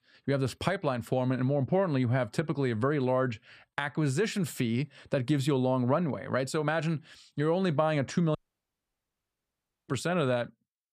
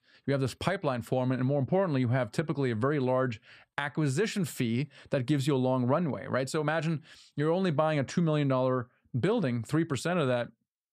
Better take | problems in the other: second | audio cutting out; at 8.5 s for 1.5 s

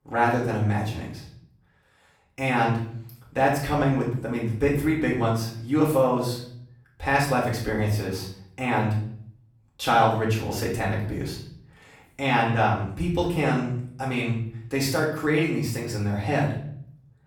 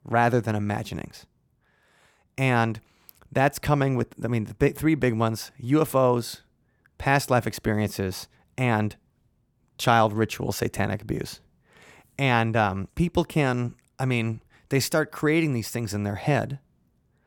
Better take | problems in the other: second | room echo; noticeable; dies away in 0.5 s // off-mic speech; far

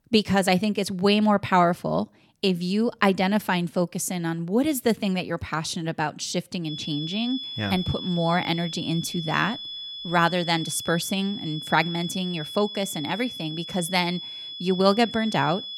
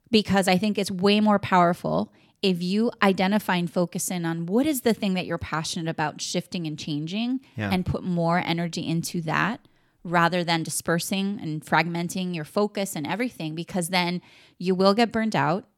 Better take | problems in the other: second | high-pitched whine; loud; from 6.5 s on; 3.5 kHz, 9 dB below the speech

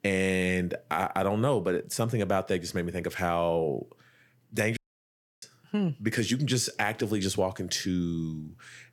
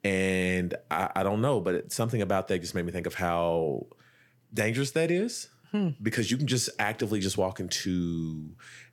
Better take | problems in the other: second | audio cutting out; at 5 s for 0.5 s

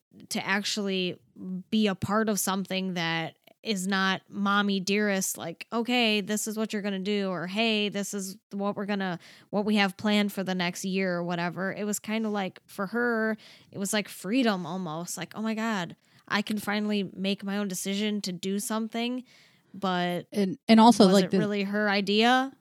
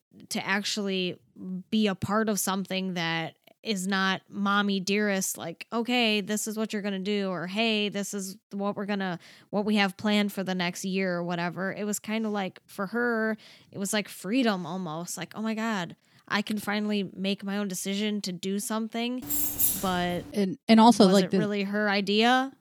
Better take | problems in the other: first | jangling keys; loud; at 19 s; peak 4 dB above the speech

